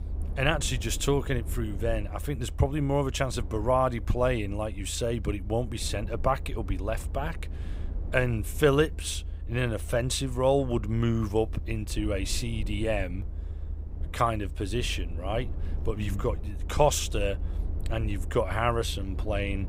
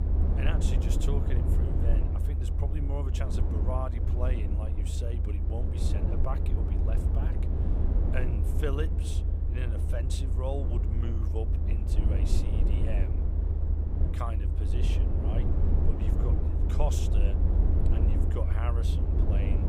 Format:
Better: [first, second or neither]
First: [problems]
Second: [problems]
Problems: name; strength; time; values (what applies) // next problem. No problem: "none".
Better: first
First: low rumble; faint; throughout; 20 dB below the speech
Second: low rumble; loud; throughout; 1 dB below the speech